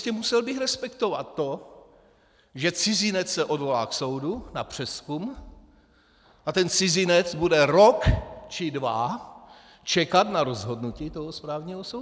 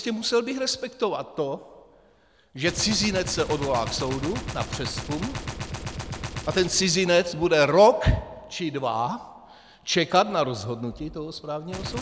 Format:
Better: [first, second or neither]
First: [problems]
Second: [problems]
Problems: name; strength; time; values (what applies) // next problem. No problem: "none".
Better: first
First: none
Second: background sound (Gunshot, gunfire); 12 dB below the speech